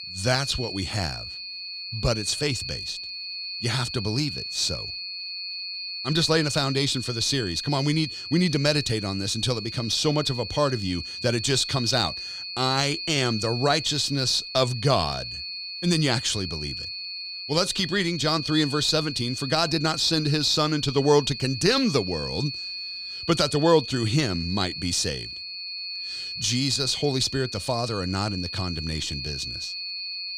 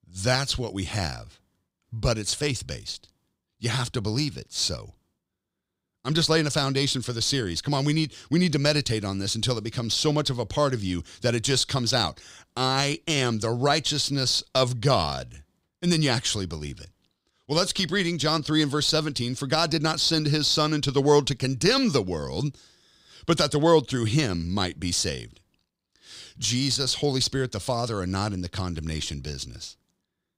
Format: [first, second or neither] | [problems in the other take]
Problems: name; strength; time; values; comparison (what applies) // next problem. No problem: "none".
second | high-pitched whine; loud; throughout; 4.5 kHz, 7 dB below the speech